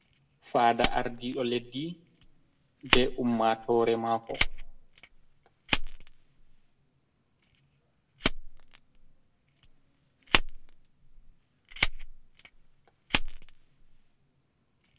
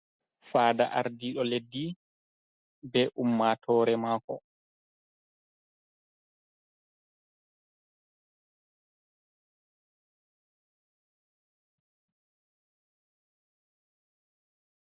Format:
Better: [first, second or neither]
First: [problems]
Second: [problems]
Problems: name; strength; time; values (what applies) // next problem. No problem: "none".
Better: second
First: background sound (Fire); as loud as the speech // room echo; dies away in 0.3 s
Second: none